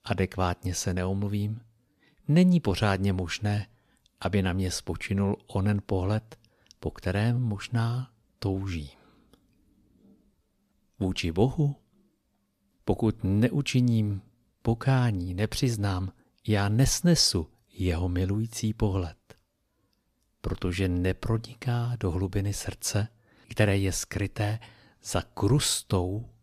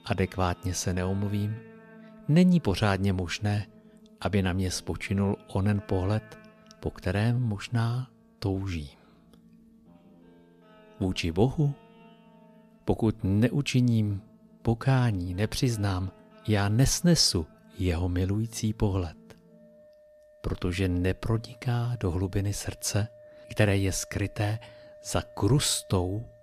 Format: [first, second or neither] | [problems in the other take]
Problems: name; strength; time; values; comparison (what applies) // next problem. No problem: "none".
first | background music; faint; throughout; 25 dB below the speech